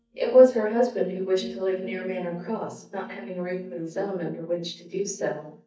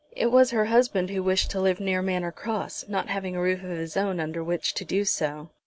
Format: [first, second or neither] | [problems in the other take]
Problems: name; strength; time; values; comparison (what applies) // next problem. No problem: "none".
second | noise reduction (neural mask model DeepFilterNet 3)